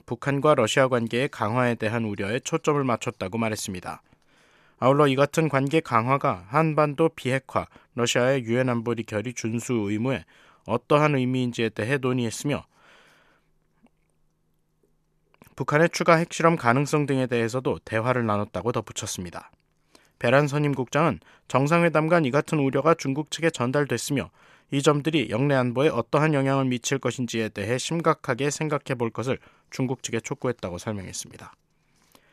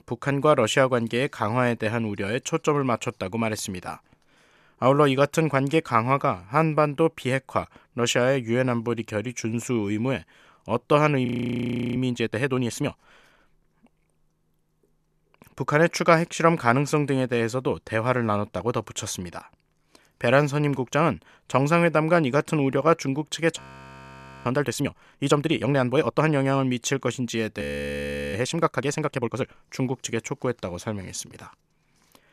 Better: first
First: none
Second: audio freezing; at 11 s for 0.5 s, at 24 s for 1 s and at 28 s for 0.5 s

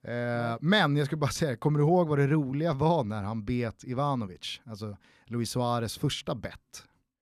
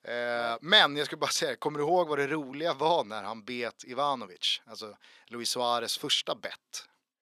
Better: first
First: none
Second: thin; very; fading below 450 Hz

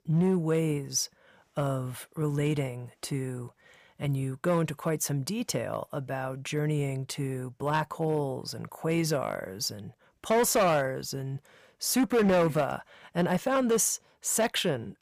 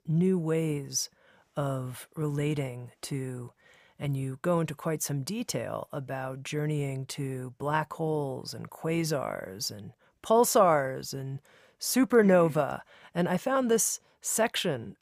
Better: second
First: distortion; slight; 4% of the sound clipped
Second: none

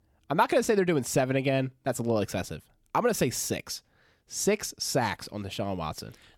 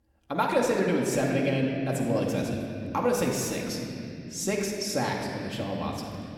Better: first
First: none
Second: room echo; noticeable; dies away in 3 s // off-mic speech; somewhat distant

